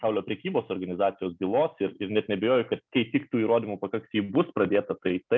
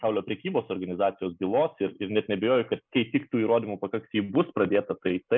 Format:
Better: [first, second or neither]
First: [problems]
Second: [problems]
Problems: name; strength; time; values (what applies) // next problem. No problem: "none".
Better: first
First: none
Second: noise reduction (neural mask model Resemble Enhance denoiser)